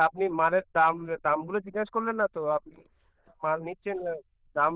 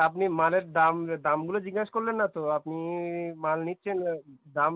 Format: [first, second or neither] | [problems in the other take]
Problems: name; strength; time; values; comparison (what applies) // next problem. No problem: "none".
second | noise reduction (neural diffusion model UNIVERSE++)